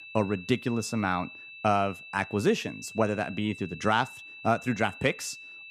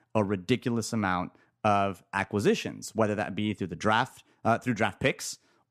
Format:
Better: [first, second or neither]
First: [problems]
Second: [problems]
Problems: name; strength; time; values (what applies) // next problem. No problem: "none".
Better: second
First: high-pitched whine; noticeable; throughout; 2.5 kHz, 15 dB below the speech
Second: none